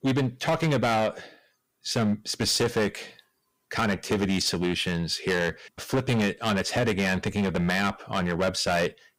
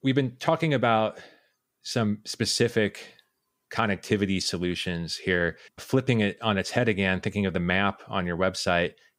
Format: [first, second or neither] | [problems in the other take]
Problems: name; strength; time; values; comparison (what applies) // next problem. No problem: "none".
second | distortion; heavy; 12% of the sound clipped